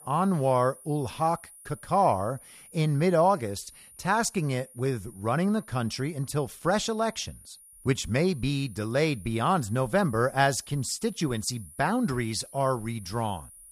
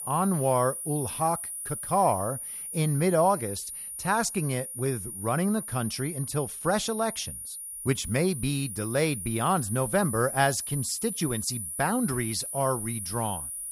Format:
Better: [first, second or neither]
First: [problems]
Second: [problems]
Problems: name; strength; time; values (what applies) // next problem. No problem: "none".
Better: first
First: high-pitched whine; faint; throughout; 10 kHz, 20 dB below the speech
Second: high-pitched whine; loud; throughout; 10 kHz, 6 dB below the speech